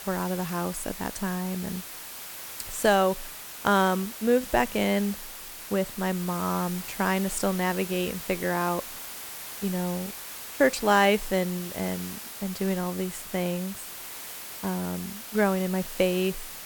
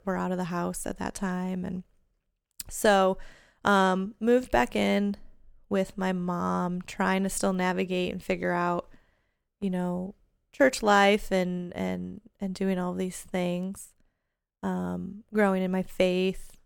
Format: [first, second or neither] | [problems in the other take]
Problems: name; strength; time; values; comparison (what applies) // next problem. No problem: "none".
second | hiss; loud; throughout; 9 dB below the speech